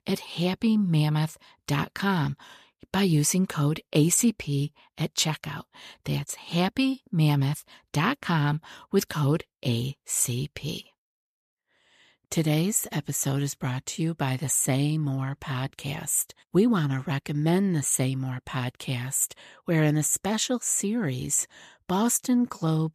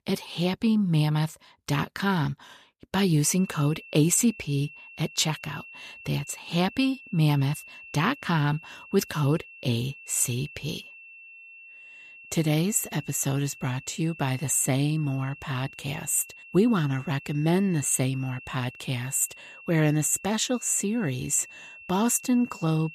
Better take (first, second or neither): first